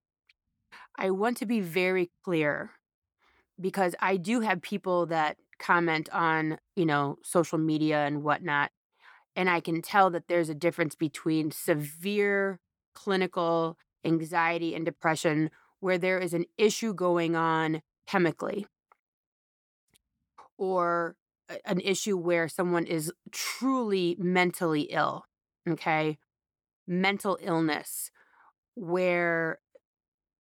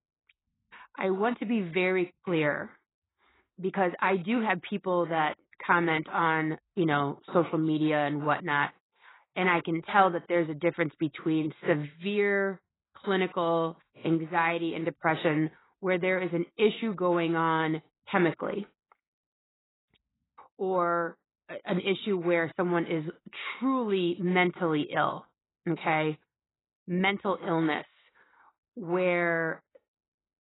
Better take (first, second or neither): first